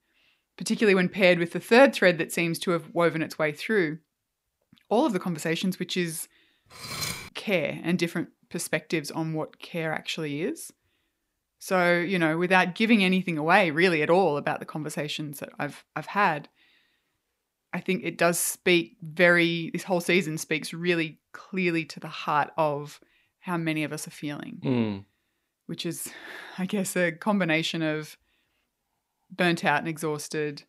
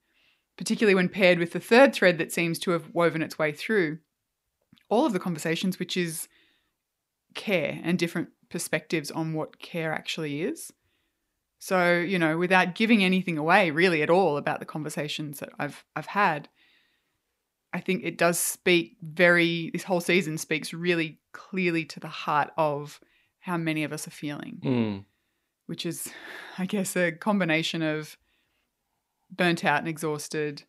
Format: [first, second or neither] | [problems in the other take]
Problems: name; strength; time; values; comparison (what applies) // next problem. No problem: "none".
second | clattering dishes; noticeable; at 7 s; peak 5 dB below the speech